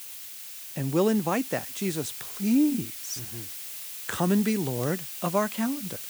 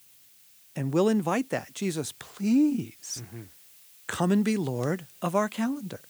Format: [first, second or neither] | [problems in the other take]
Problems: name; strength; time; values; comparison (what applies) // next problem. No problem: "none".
second | hiss; loud; throughout; 8 dB below the speech; faint in the second